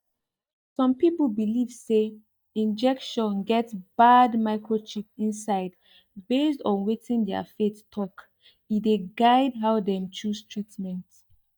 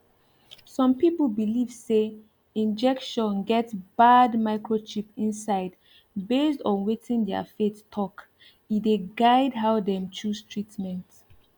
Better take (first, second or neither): second